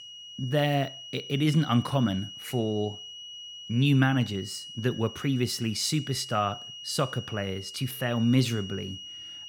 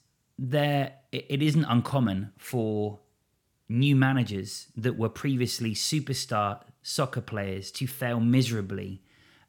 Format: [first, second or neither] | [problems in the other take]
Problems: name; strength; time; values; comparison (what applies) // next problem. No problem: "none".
second | high-pitched whine; noticeable; throughout; 3 kHz, 10 dB below the speech